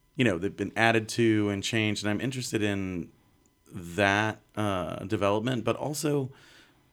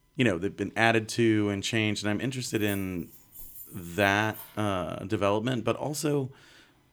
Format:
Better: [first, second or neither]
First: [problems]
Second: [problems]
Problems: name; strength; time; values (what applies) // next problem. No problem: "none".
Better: first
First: none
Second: jangling keys; faint; from 2.5 to 4.5 s; peak 15 dB below the speech